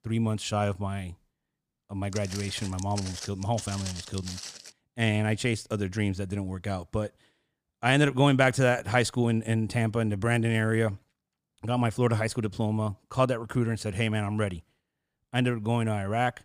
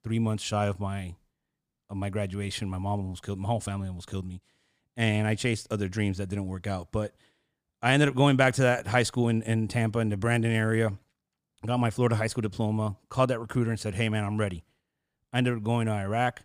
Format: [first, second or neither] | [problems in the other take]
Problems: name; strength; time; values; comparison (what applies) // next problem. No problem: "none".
second | footsteps; noticeable; from 2 to 4.5 s; peak 9 dB below the speech